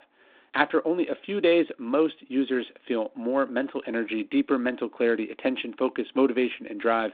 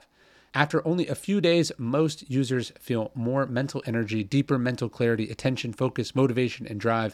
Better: second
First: phone-call audio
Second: none

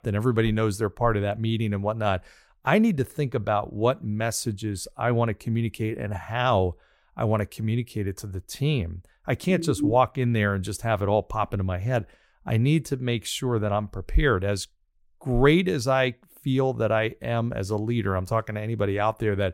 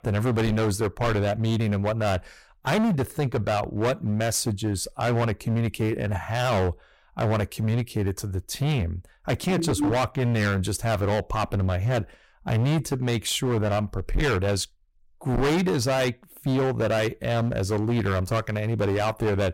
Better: first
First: none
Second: distortion; heavy; 19% of the sound clipped

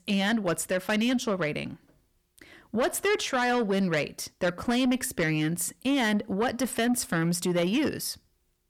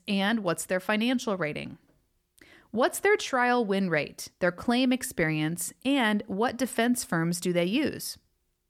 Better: second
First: distortion; slight; 10 dB below the speech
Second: none

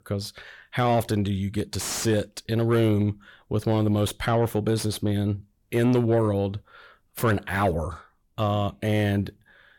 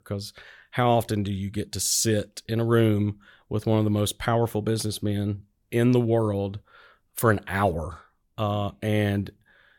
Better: second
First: distortion; slight; 10 dB below the speech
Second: none

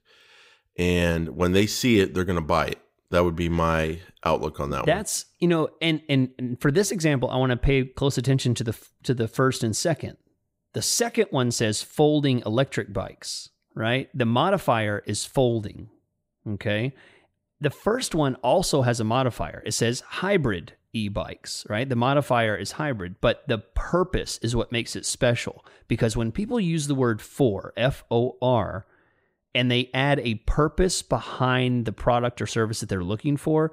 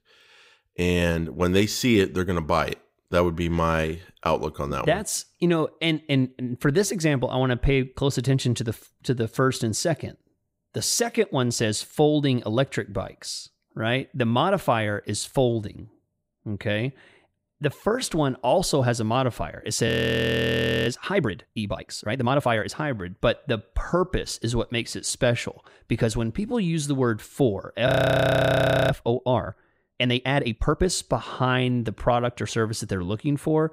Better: first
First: none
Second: audio freezing; at 20 s for 1 s and at 28 s for 1 s

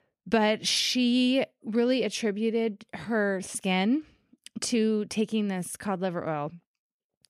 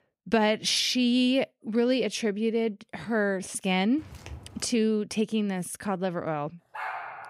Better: first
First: none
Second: footsteps; faint; at 4 s; peak 15 dB below the speech // dog barking; noticeable; at 6.5 s; peak 8 dB below the speech

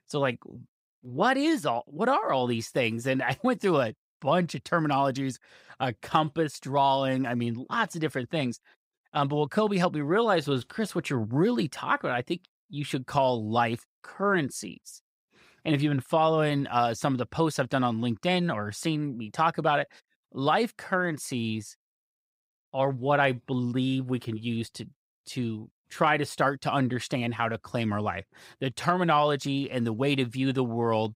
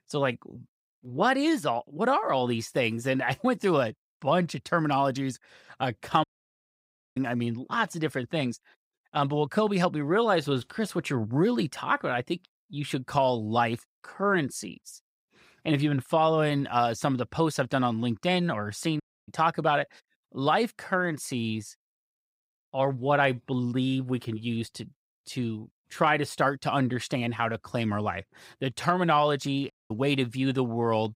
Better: first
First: none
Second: audio cutting out; at 6 s for 1 s, at 19 s and at 30 s

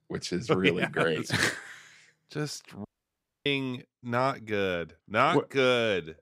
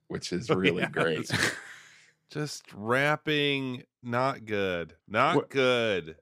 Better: second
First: audio cutting out; at 3 s for 0.5 s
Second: none

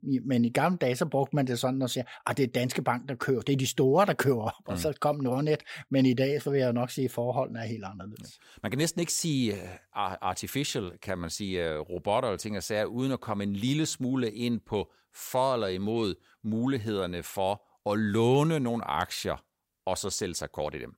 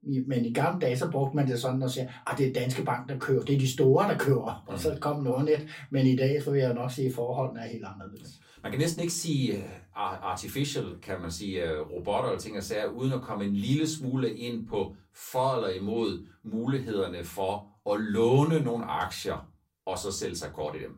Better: first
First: none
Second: off-mic speech; far // room echo; very slight; dies away in 0.2 s

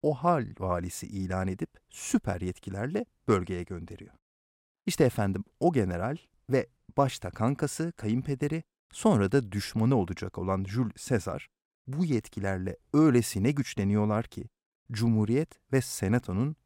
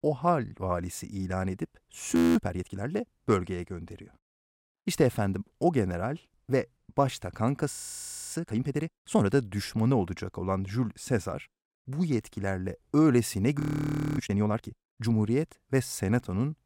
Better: first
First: none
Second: audio freezing; at 2 s, at 7.5 s for 0.5 s and at 14 s for 0.5 s

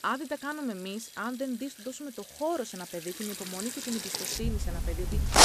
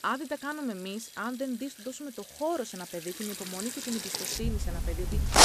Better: neither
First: household noises; very loud; throughout; 2 dB above the speech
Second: household noises; very loud; throughout; 2 dB above the speech

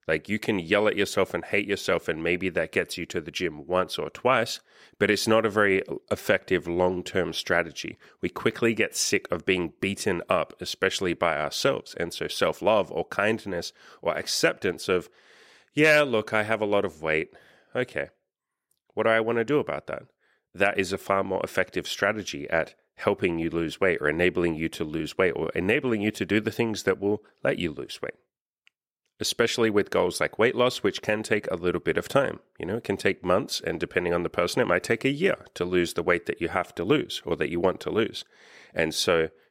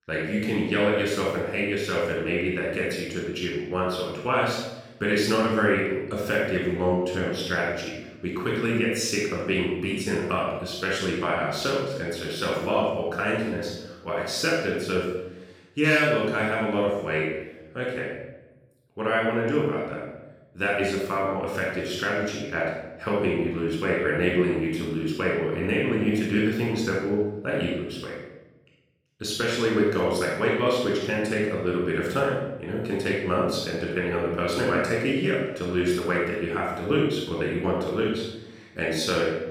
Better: first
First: none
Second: off-mic speech; far // room echo; strong; dies away in 0.9 s

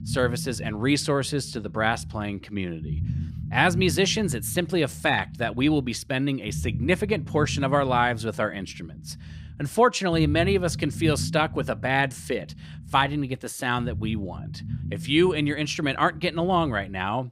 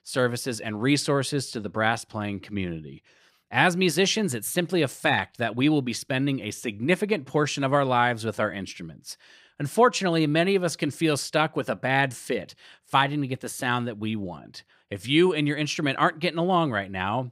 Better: second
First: low rumble; faint; throughout; 20 dB below the speech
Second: none

